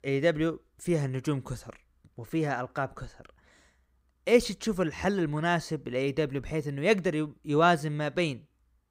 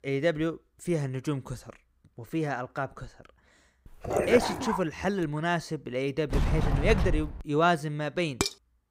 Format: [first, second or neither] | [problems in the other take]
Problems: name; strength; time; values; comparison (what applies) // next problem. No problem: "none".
first | dog barking; loud; at 4 s; peak 2 dB above the speech // door banging; loud; from 6.5 to 7.5 s; peak 1 dB above the speech // clattering dishes; noticeable; at 8.5 s; peak 2 dB below the speech